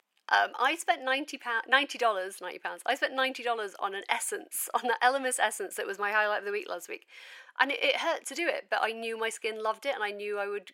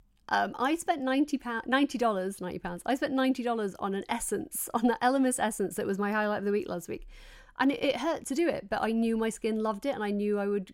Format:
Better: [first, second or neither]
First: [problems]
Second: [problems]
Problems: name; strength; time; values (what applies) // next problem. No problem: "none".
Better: second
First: thin; very; fading below 450 Hz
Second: none